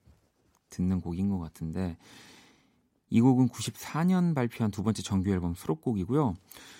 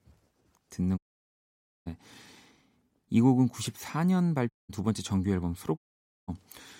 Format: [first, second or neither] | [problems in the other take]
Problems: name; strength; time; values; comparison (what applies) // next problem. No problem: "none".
first | audio cutting out; at 1 s for 1 s, at 4.5 s and at 6 s for 0.5 s